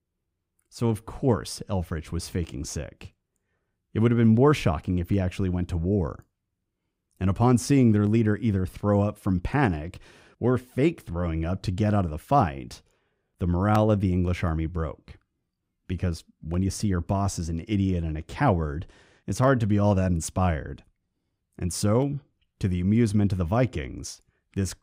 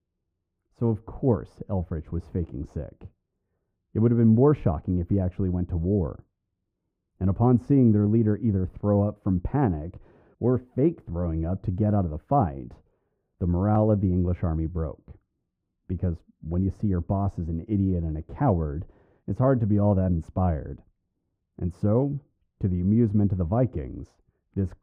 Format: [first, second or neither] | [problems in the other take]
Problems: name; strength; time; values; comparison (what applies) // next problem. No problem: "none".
first | muffled; very; fading above 2 kHz